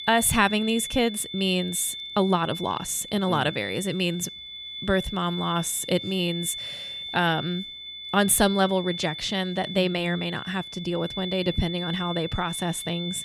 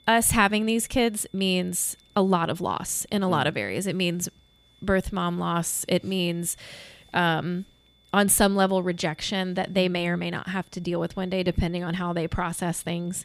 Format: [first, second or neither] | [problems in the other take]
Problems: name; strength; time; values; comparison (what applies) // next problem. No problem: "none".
second | high-pitched whine; loud; throughout; 3.5 kHz, 8 dB below the speech; faint in the second